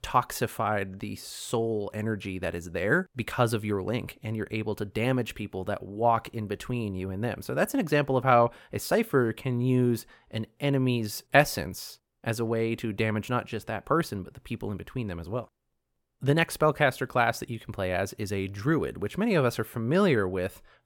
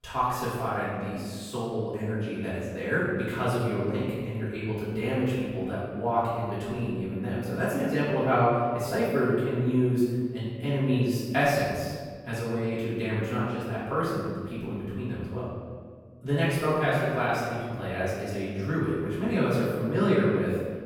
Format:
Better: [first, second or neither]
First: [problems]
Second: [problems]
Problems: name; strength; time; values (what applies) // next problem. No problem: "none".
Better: first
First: none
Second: room echo; strong; dies away in 1.7 s // off-mic speech; far